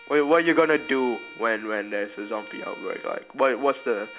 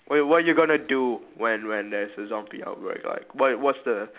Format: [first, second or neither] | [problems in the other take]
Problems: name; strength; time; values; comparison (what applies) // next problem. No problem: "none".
second | background sound (Bowed string instrument); 19 dB below the speech